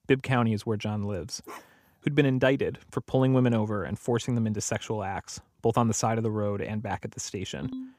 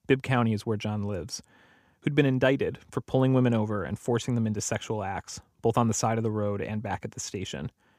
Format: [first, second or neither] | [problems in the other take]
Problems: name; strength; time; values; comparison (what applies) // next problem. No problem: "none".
second | dog barking; faint; at 1.5 s; peak 15 dB below the speech // phone ringing; very faint; at 7.5 s; peak 10 dB below the speech